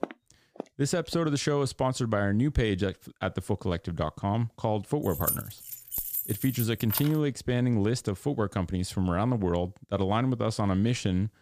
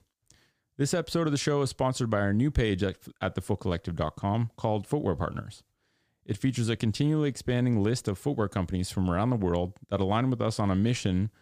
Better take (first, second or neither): second